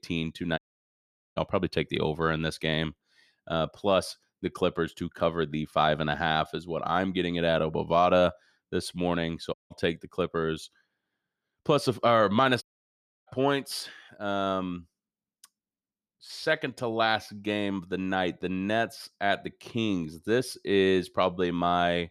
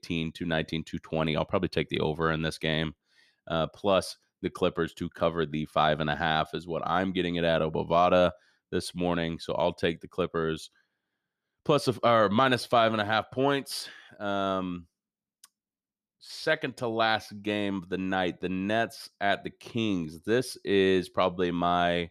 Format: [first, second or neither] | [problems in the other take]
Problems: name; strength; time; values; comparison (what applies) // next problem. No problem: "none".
second | audio cutting out; at 0.5 s for 1 s, at 9.5 s and at 13 s for 0.5 s